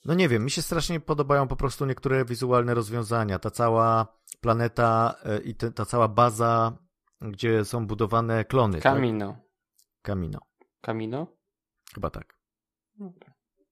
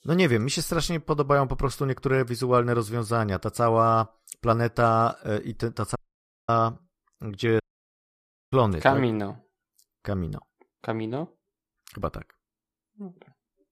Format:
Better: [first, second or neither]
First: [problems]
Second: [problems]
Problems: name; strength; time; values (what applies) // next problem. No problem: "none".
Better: first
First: none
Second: audio cutting out; at 6 s for 0.5 s and at 7.5 s for 1 s